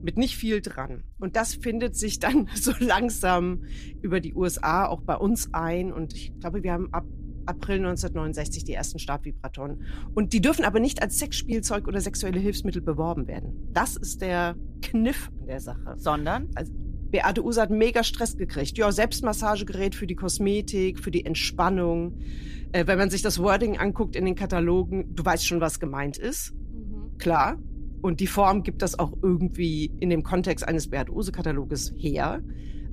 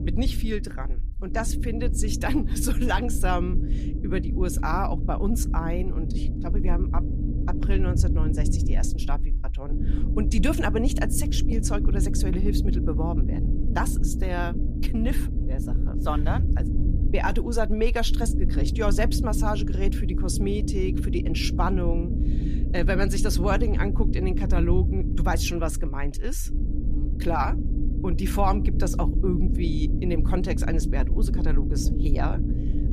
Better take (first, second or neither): first